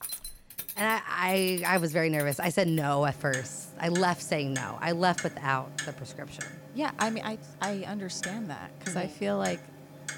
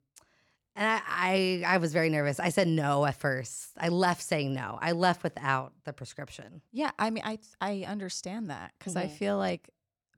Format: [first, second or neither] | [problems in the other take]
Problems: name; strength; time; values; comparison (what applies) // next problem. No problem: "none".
second | household noises; noticeable; throughout; 10 dB below the speech